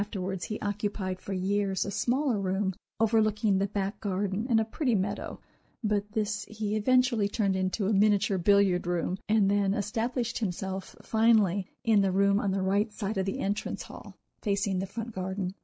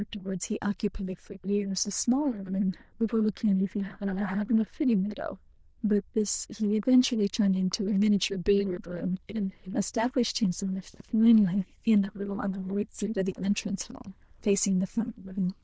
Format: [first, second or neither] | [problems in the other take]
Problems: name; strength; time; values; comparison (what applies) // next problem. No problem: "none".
first | noise reduction (neural diffusion model UNIVERSE++)